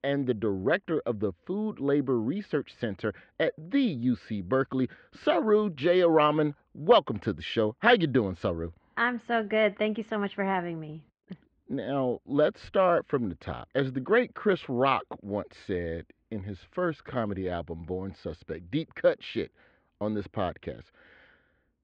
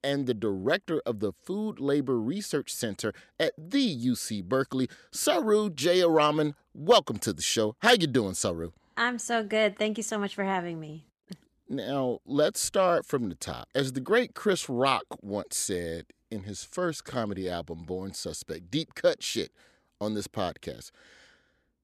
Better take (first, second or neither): second